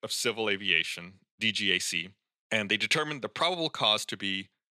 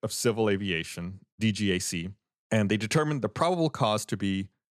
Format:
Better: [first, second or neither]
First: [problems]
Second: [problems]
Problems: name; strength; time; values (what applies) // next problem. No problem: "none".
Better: second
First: thin; somewhat; fading below 450 Hz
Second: none